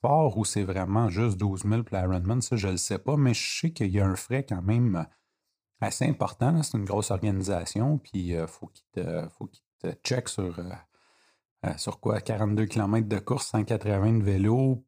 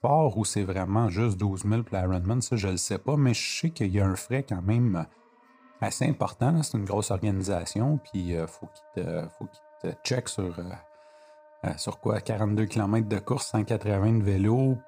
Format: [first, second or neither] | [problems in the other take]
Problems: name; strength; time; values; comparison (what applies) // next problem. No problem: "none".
first | background music; faint; throughout; 30 dB below the speech